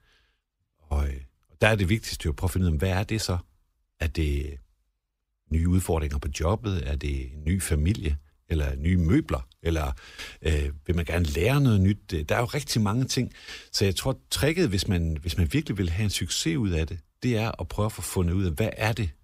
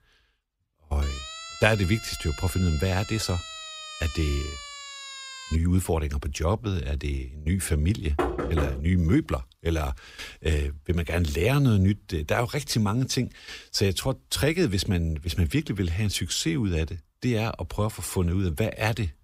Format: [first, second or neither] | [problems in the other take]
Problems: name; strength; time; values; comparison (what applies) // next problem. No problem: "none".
first | siren; noticeable; from 1 to 5.5 s; peak 10 dB below the speech // door banging; noticeable; at 8 s; peak 2 dB below the speech